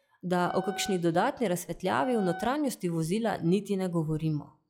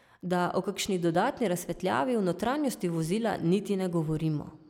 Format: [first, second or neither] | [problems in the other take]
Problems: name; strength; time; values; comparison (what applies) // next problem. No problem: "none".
second | noise reduction (classical method log-MMSE)